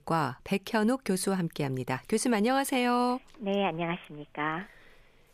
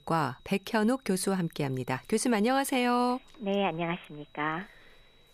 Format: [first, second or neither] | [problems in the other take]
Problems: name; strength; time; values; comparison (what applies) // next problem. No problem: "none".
first | high-pitched whine; faint; throughout; 4 kHz, 35 dB below the speech